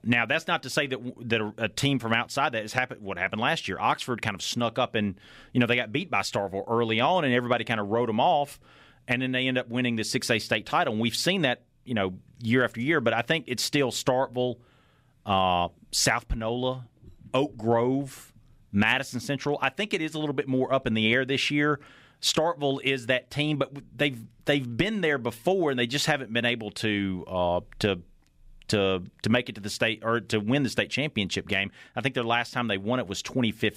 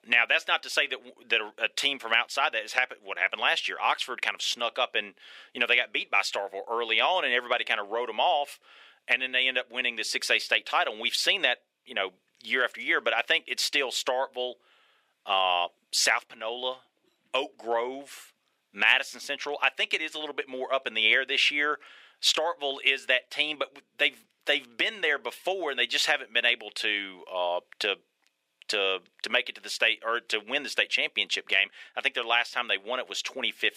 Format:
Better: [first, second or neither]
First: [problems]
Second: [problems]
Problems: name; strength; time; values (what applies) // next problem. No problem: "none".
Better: first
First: none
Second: thin; very; fading below 450 Hz